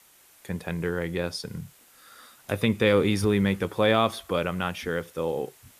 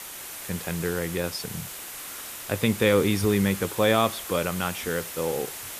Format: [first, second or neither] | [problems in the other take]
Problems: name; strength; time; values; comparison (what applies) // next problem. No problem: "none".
first | hiss; loud; throughout; 9 dB below the speech; faint in the first